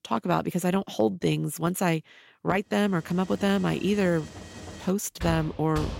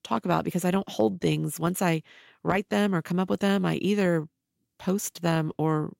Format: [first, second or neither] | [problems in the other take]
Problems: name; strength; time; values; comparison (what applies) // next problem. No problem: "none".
second | machinery noise; noticeable; from 3 s on; 15 dB below the speech